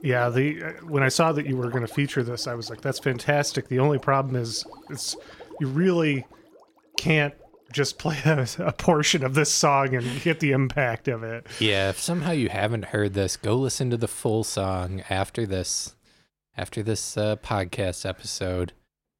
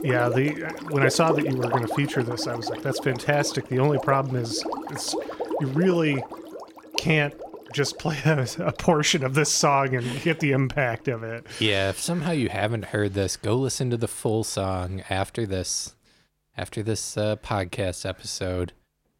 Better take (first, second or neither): first